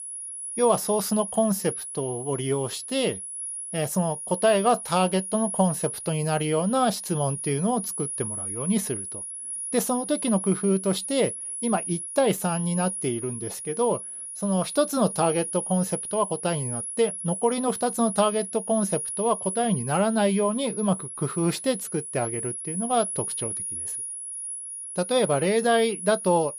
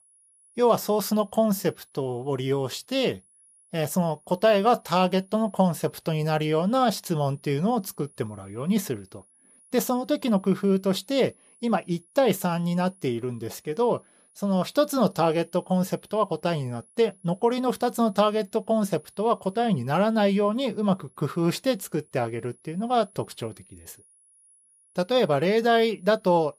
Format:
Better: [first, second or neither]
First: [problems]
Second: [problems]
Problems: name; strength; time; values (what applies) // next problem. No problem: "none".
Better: second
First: high-pitched whine; loud; throughout; 10.5 kHz, 6 dB below the speech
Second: high-pitched whine; faint; throughout; 10.5 kHz, 30 dB below the speech